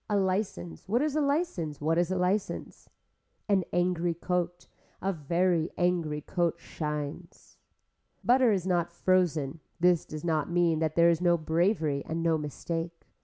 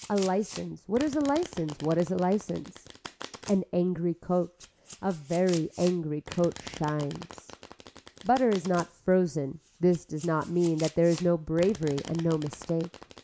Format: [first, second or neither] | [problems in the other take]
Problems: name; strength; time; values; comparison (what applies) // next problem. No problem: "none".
first | background sound (Domestic sounds, home sounds); 17 dB below the speech